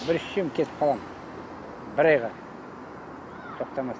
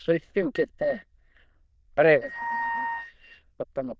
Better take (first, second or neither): first